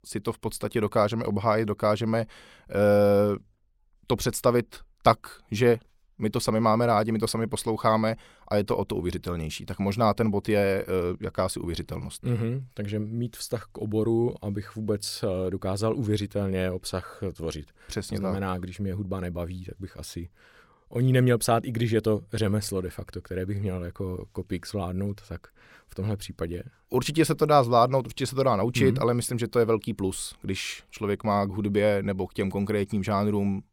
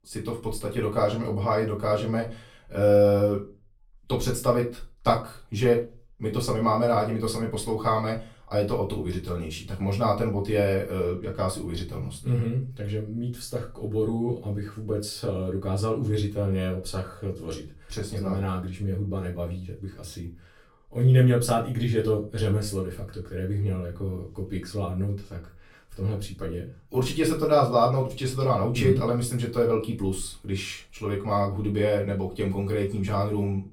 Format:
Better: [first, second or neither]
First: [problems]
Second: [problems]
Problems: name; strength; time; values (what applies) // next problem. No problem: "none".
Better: first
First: none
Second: room echo; slight; dies away in 0.3 s // off-mic speech; far